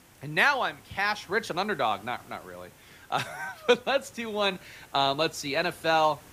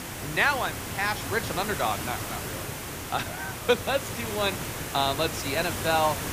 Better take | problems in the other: first | hiss; loud; throughout; 5 dB below the speech; faint in the first

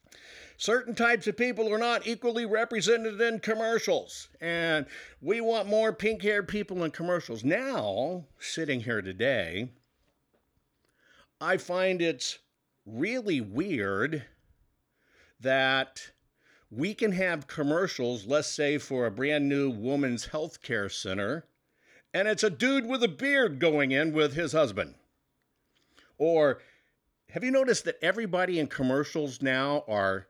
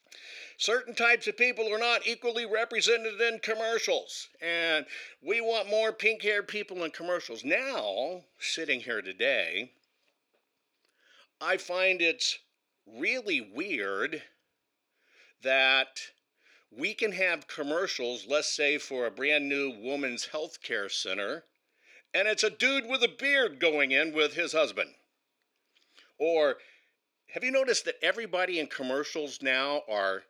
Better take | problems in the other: first | thin; somewhat; fading below 400 Hz

